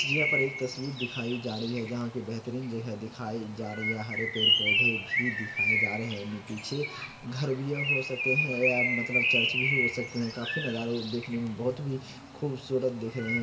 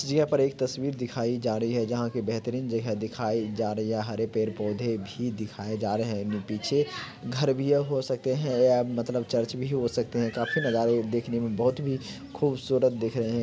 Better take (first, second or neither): second